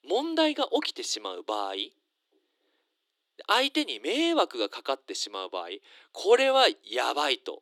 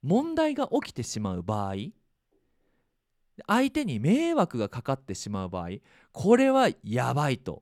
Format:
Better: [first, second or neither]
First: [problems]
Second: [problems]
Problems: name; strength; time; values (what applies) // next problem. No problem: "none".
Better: second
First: thin; somewhat; fading below 300 Hz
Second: none